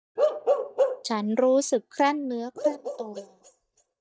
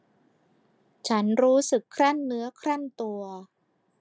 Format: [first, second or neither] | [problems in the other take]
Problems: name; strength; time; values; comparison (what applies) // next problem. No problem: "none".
second | noise reduction (neural mask model DeepFilterNet 3)